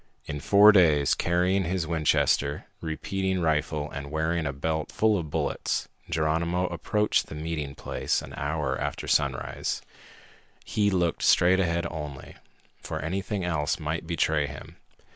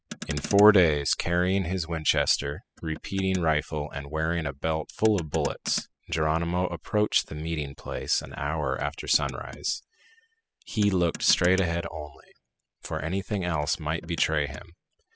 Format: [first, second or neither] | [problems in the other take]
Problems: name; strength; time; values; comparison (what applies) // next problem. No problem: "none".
first | noise reduction (classical method spectral subtraction)